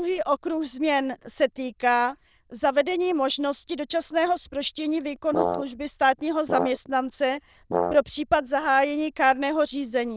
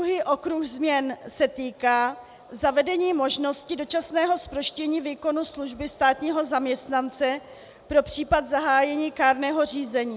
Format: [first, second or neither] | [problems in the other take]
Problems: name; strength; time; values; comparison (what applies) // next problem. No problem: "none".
second | noise reduction (neural diffusion model UNIVERSE++)